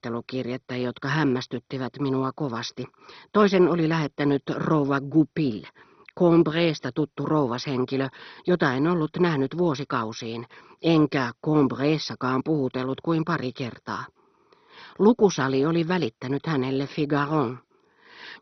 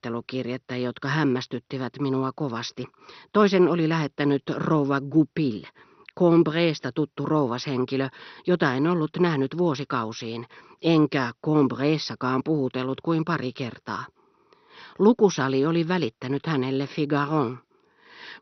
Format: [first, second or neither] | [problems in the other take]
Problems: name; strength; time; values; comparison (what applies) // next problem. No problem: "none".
second | garbled, watery; badly; nothing above 6 kHz; slightly in the second